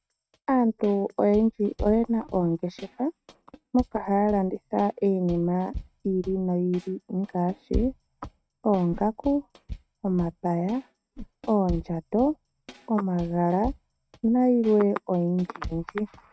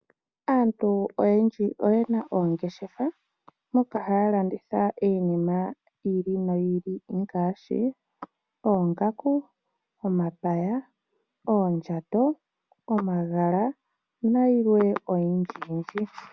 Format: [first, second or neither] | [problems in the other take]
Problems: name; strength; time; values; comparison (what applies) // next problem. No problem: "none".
second | noise reduction (neural mask model RNNoise)